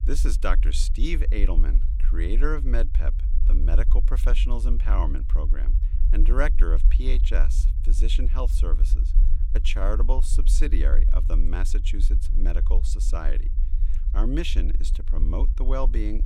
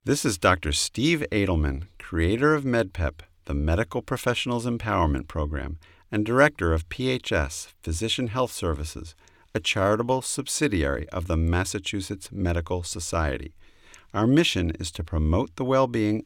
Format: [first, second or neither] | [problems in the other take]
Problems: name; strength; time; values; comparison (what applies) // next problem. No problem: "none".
second | low rumble; noticeable; throughout; 15 dB below the speech